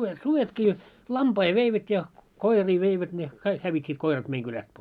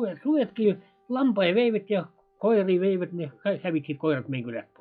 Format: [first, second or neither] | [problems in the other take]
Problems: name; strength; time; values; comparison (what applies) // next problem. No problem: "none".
first | noise reduction (classical method log-MMSE)